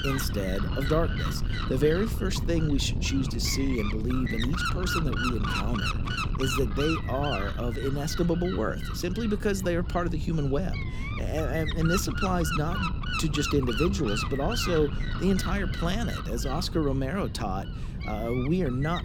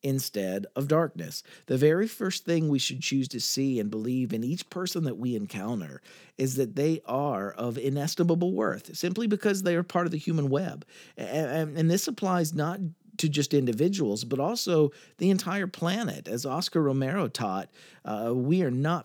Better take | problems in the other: second | wind noise on the microphone; heavy; 2 dB below the speech

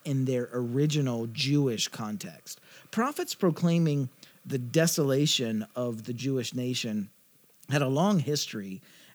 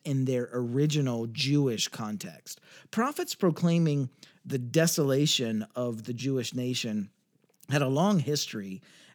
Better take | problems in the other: second | hiss; faint; throughout; 30 dB below the speech

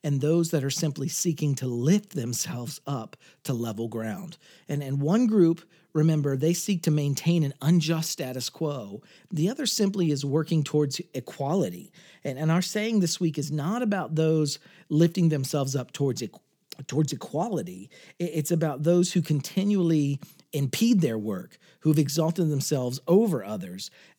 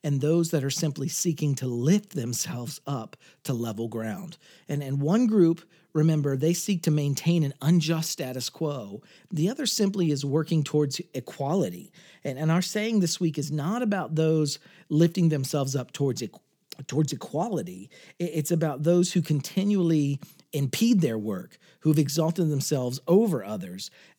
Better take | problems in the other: neither | none

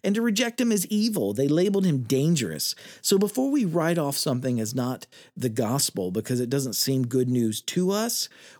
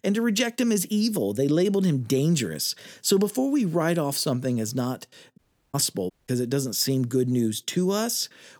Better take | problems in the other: first | audio cutting out; at 5.5 s and at 6 s

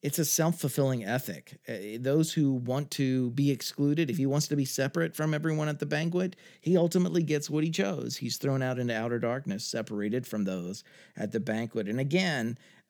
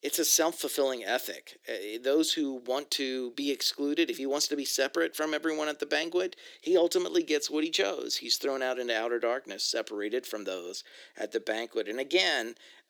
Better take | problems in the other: first | thin; somewhat; fading below 300 Hz

